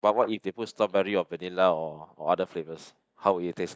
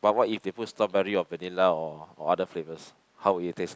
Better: second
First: noise reduction (neural mask model DeepFilterNet 3)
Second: none

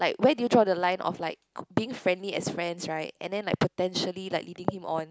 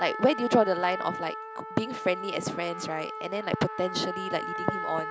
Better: first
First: none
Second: background sound (Trumpet); 7 dB below the speech

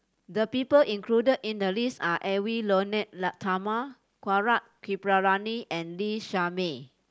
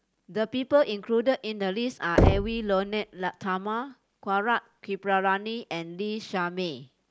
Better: first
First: none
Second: background sound (Knock); as loud as the speech

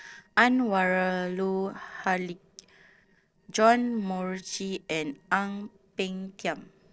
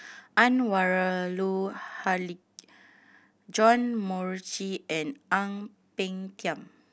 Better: second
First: noise reduction (neural separator model SepFormer DNS4)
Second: none

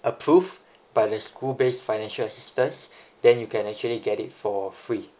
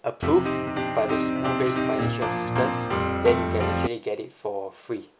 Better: first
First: none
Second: background sound (Piano); 3 dB above the speech

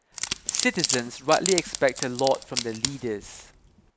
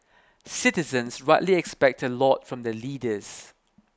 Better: second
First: background sound (Wood); 4 dB below the speech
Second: none

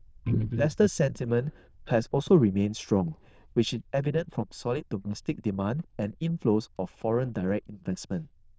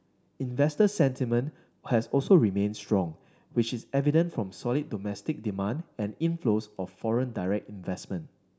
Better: second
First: noise reduction (neural diffusion model UNIVERSE++)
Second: none

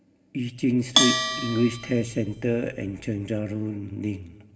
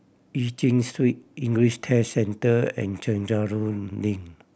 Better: second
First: background sound (Bell); 2 dB below the speech // room echo; dies away in 1.7 s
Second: none

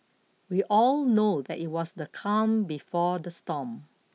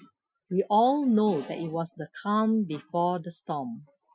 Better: first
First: none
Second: noise reduction (classical method Wiener filter)

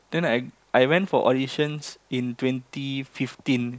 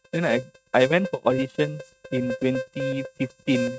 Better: first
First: none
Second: noise reduction (neural mask model RNNoise)

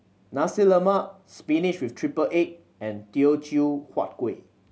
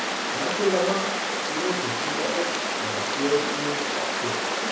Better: first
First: none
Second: background sound (Water); 3 dB above the speech // room echo; dies away in 0.6 s

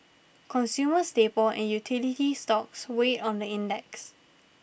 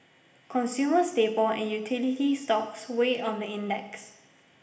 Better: first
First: none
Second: room echo; dies away in 1.1 s

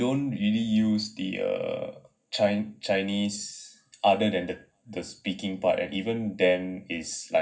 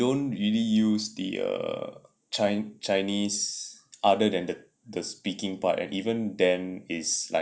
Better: second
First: room echo; dies away in 0.4 s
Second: none

